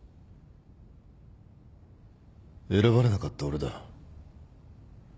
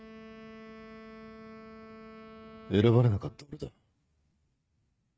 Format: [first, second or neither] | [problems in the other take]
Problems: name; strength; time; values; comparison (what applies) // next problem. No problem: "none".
first | noise reduction (neural mask model RNNoise)